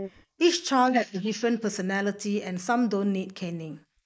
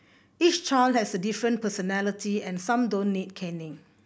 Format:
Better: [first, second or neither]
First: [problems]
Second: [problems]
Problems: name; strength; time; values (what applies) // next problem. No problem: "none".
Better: second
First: noise reduction (neural mask model Resemble Enhance denoiser)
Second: none